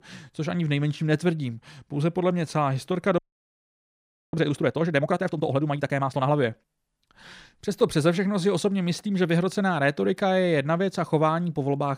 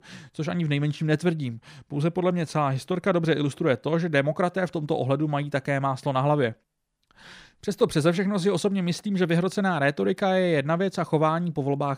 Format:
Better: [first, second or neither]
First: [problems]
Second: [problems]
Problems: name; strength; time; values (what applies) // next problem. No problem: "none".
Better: second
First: audio freezing; at 3 s for 1 s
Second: none